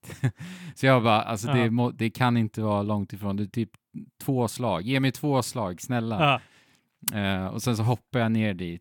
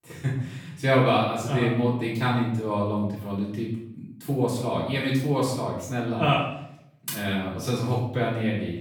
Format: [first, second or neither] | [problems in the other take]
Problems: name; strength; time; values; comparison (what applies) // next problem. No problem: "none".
first | off-mic speech; far // room echo; noticeable; dies away in 0.6 s